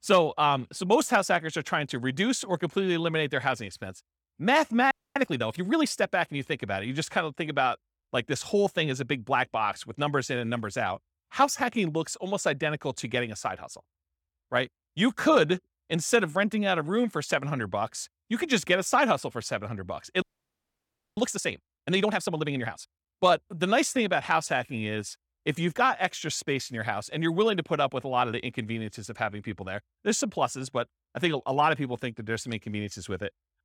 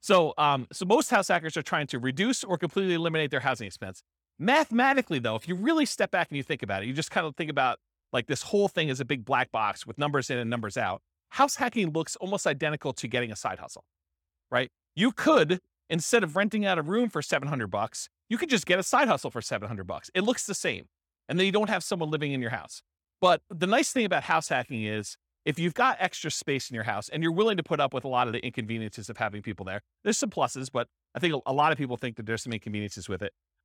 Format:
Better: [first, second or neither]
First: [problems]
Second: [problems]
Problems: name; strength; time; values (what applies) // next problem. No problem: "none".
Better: second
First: audio freezing; at 5 s and at 20 s for 1 s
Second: none